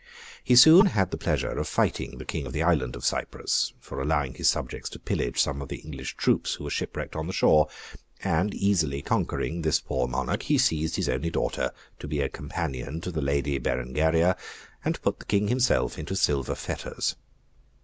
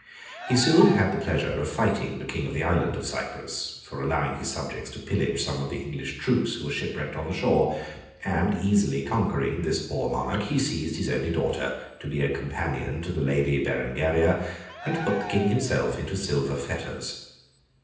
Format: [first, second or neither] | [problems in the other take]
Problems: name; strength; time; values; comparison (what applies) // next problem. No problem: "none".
first | background sound (Cheering); 11 dB below the speech // room echo; dies away in 0.9 s